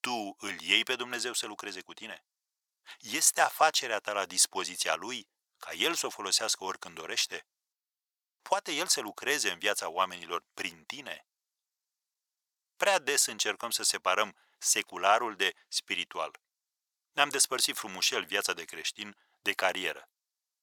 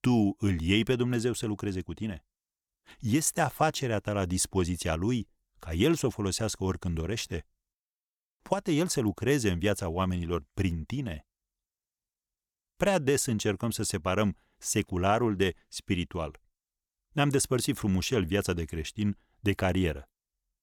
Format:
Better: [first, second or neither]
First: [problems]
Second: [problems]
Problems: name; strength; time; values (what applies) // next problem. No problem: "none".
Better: second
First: thin; very; fading below 900 Hz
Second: none